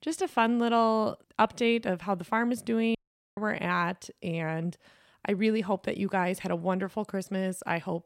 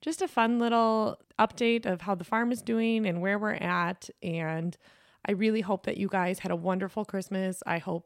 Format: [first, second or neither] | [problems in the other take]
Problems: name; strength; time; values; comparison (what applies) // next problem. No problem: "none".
second | audio cutting out; at 3 s